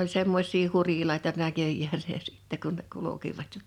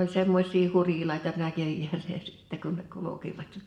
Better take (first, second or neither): first